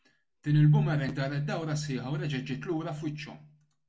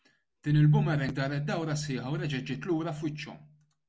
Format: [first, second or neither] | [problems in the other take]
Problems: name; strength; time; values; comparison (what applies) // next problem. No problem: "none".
second | room echo; dies away in 0.3 s